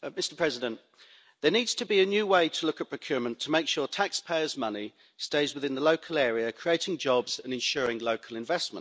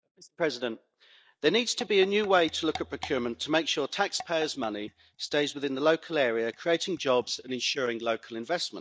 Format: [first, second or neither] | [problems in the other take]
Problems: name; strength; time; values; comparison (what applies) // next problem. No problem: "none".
first | noise reduction (neural mask model DeepFilterNet 3)